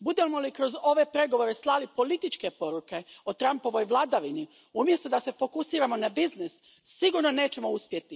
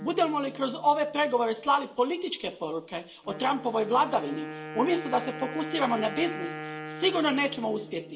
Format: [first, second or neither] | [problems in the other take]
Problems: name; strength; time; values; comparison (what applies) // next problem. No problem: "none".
first | background sound (Wind instrument, woodwind instrument); 13 dB below the speech // room echo; dies away in 1.3 s